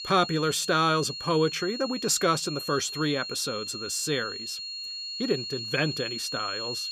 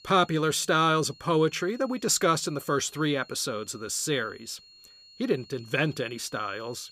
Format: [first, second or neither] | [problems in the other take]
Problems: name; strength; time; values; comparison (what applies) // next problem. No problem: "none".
second | high-pitched whine; loud; throughout; 4.5 kHz, 6 dB below the speech; faint in the second